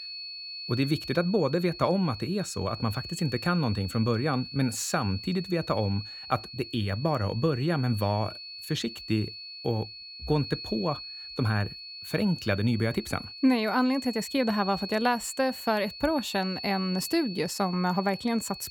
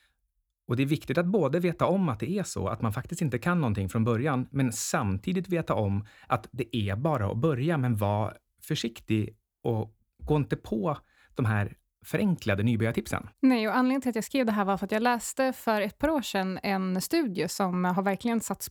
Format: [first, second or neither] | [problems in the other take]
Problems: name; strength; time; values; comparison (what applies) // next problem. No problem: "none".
second | high-pitched whine; noticeable; throughout; 4.5 kHz, 10 dB below the speech